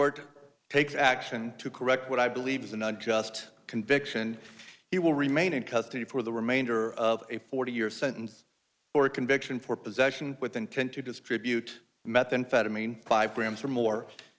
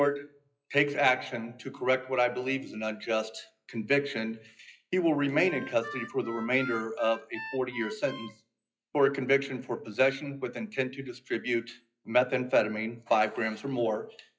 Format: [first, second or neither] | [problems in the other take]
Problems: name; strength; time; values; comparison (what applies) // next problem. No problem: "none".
first | noise reduction (classical method WPE with log-MMSE)